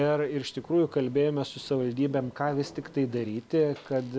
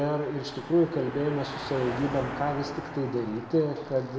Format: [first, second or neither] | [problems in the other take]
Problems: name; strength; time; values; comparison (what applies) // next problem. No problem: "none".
first | background sound (Car passing by); 11 dB below the speech // room echo; dies away in 1.2 s